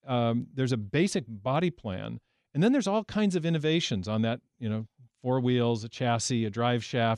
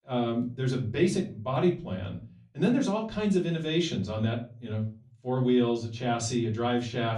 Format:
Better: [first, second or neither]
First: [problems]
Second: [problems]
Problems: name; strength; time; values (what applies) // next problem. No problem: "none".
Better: first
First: none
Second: off-mic speech; far // room echo; very slight; dies away in 0.3 s